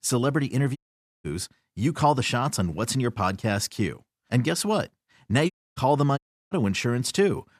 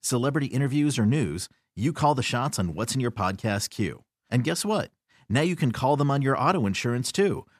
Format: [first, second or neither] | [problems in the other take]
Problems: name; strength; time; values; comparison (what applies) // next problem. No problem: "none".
second | audio cutting out; at 1 s, at 5.5 s and at 6 s